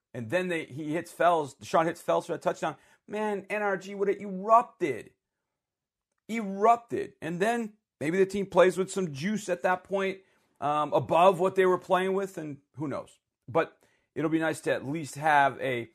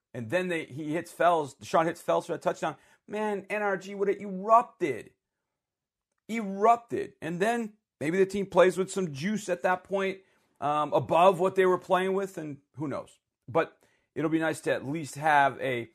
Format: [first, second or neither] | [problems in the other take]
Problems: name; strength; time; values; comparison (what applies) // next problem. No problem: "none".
neither | none